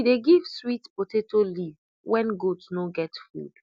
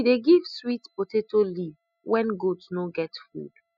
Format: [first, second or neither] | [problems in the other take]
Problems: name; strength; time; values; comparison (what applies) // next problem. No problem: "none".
first | noise reduction (classical method spectral subtraction)